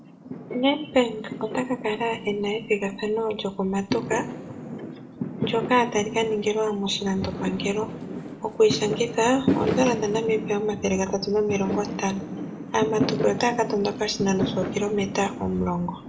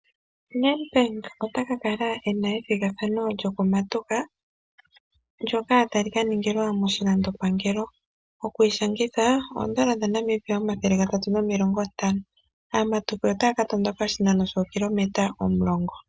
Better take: second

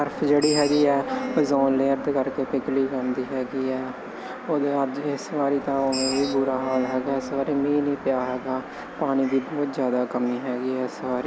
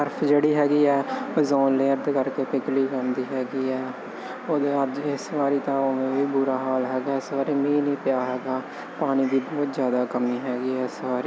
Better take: second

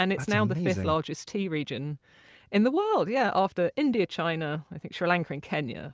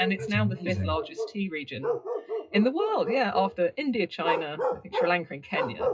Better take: first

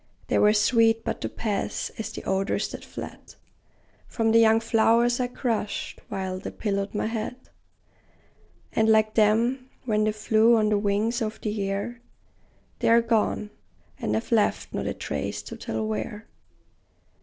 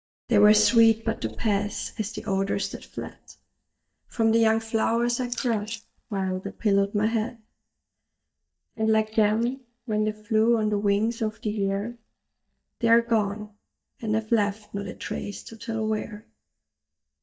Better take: first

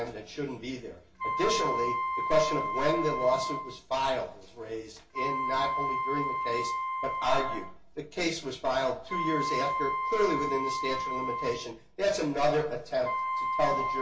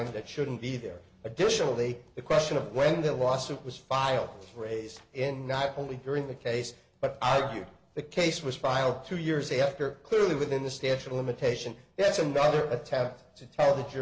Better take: second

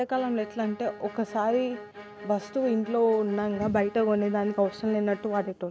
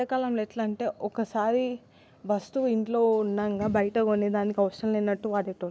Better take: second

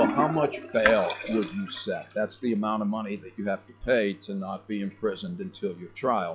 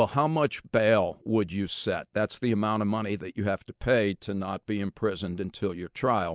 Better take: second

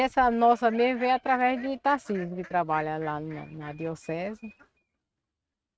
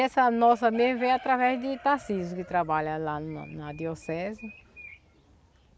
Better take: second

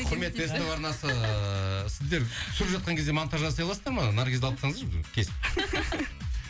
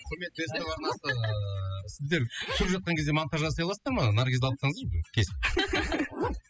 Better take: first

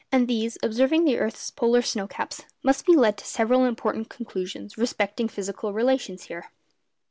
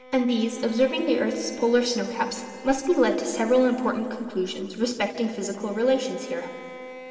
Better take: first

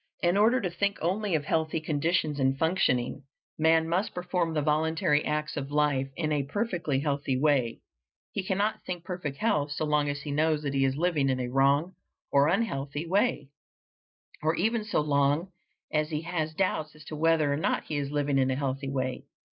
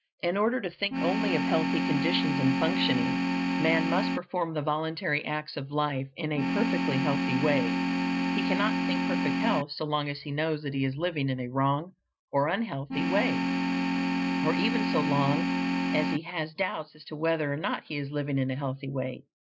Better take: first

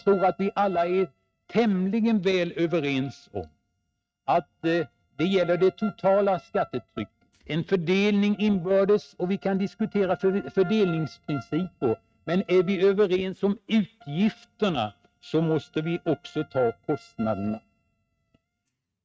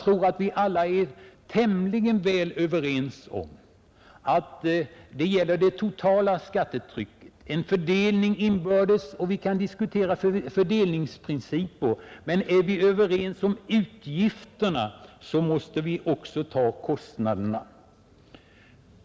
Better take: second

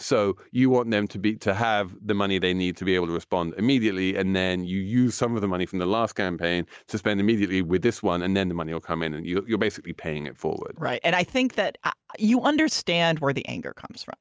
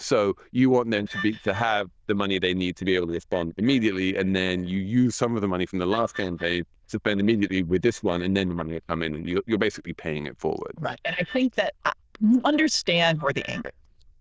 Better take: first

